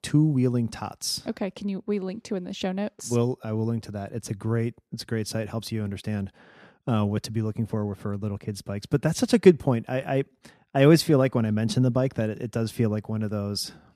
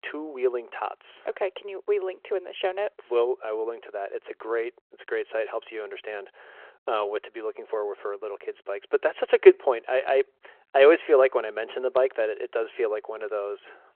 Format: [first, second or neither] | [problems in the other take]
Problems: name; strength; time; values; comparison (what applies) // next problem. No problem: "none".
first | phone-call audio